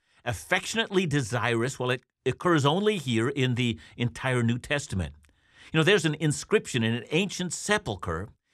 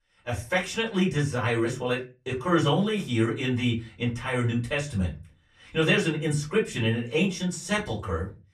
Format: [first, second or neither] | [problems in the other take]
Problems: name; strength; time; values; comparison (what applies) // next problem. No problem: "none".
first | off-mic speech; far // room echo; very slight; dies away in 0.3 s